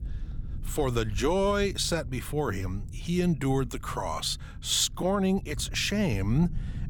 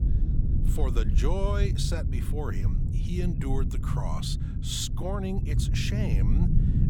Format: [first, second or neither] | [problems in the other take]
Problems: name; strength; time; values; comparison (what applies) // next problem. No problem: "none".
first | low rumble; loud; throughout; 6 dB below the speech; faint in the first